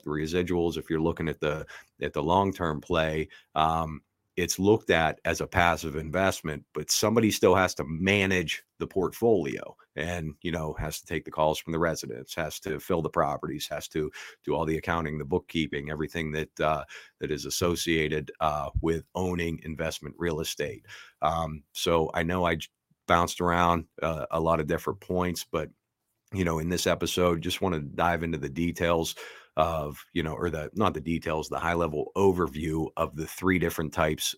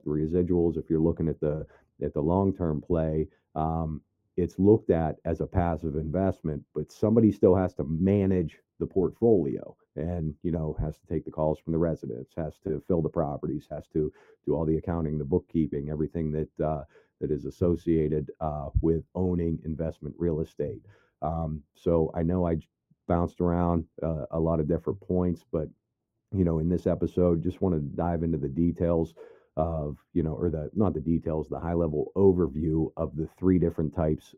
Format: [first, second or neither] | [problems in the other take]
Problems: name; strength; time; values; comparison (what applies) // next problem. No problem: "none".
first | muffled; very; fading above 1 kHz